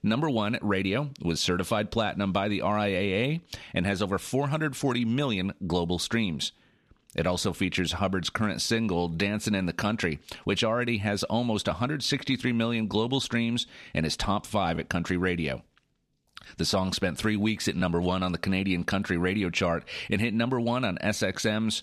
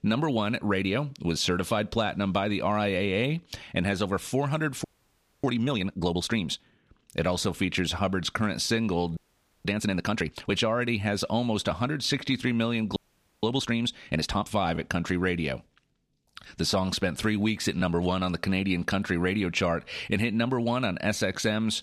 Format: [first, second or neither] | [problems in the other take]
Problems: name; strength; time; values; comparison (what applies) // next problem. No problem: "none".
first | audio freezing; at 5 s for 0.5 s, at 9 s and at 13 s